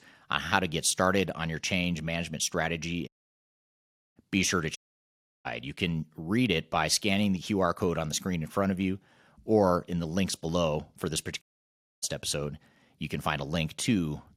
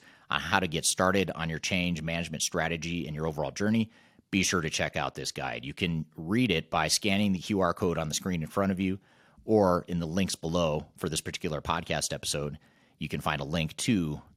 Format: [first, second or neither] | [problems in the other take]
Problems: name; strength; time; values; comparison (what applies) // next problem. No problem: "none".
second | audio cutting out; at 3 s for 1 s, at 5 s for 0.5 s and at 11 s for 0.5 s